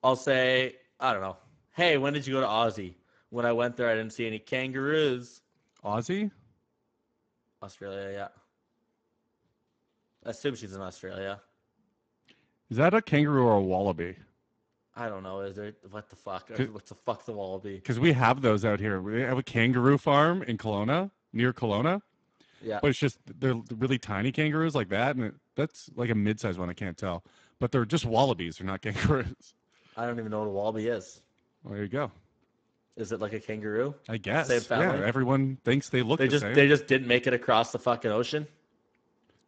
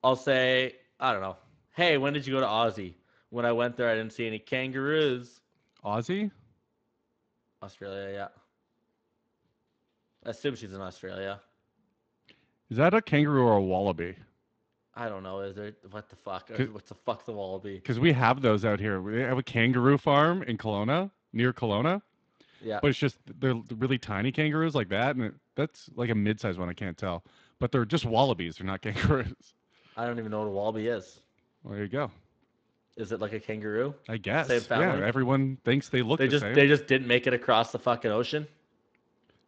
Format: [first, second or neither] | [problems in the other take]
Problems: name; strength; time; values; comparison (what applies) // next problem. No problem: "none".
second | garbled, watery; badly; nothing above 7.5 kHz; slightly in the second